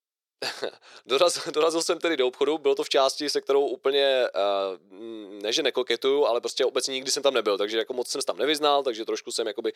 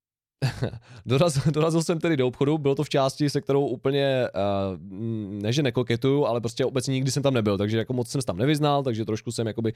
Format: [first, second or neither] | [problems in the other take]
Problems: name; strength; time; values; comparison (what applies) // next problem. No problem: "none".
second | thin; very; fading below 400 Hz